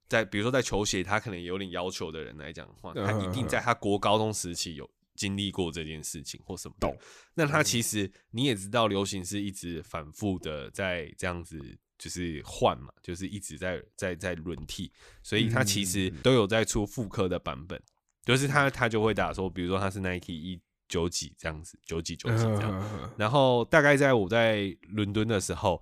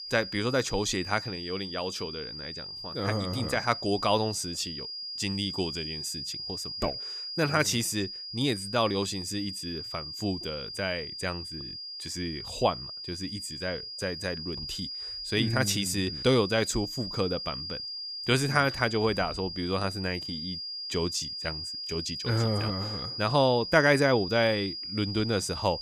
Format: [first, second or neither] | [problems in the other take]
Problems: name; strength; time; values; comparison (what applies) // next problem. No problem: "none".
first | high-pitched whine; loud; throughout; 5 kHz, 6 dB below the speech